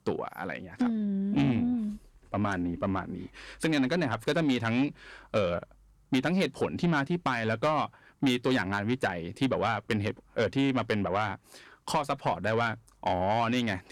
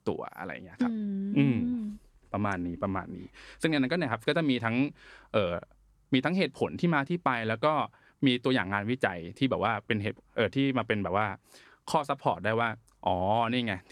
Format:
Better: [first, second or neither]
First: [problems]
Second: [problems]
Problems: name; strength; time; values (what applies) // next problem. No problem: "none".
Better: second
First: distortion; slight; 10 dB below the speech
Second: none